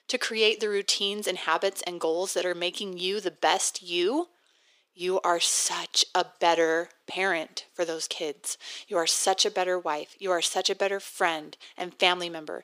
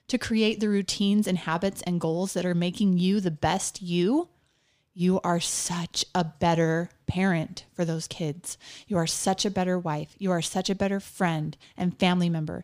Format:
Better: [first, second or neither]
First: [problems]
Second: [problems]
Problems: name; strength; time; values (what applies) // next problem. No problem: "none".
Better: second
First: thin; very; fading below 400 Hz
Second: none